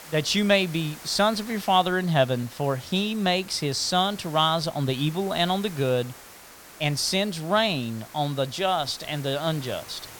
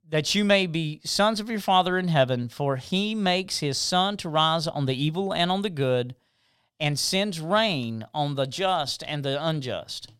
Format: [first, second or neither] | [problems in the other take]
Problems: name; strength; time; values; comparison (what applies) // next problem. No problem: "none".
second | hiss; noticeable; throughout; 20 dB below the speech